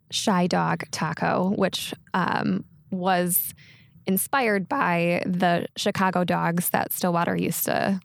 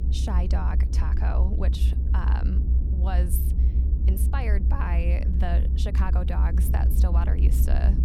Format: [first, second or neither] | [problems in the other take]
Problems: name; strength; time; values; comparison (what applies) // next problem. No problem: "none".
first | low rumble; loud; throughout; 5 dB below the speech